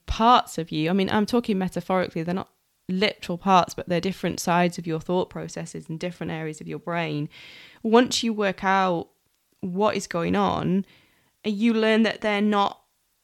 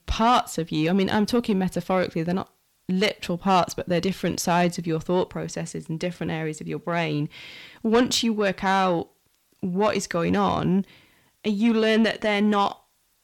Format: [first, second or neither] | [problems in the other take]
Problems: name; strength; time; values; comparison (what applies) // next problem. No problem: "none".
first | distortion; slight; 10 dB below the speech